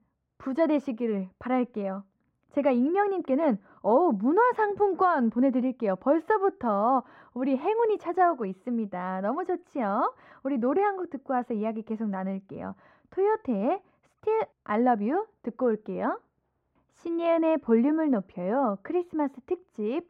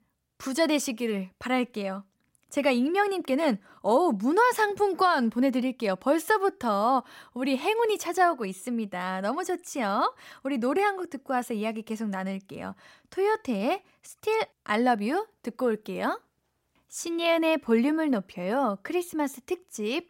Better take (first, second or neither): second